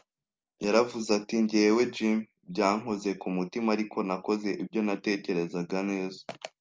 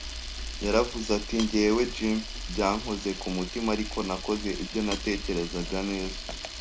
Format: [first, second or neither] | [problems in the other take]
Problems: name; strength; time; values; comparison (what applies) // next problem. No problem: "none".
first | background sound (Camera); 7 dB below the speech